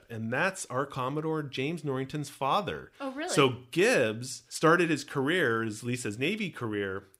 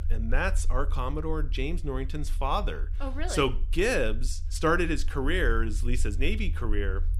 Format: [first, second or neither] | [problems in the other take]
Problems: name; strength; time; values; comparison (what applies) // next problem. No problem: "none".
first | low rumble; faint; throughout; 25 dB below the speech